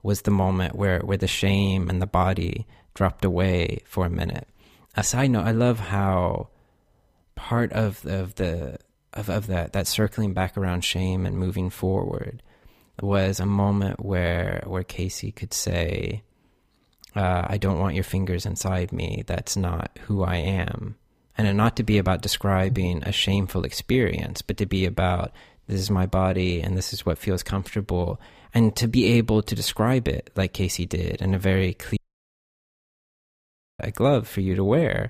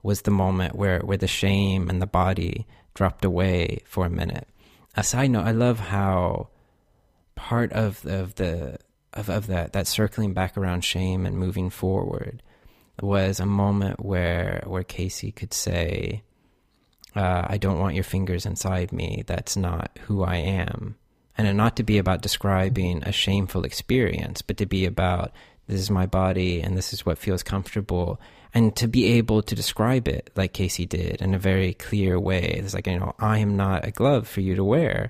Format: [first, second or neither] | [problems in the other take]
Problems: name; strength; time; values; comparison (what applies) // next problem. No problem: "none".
second | audio cutting out; at 32 s for 2 s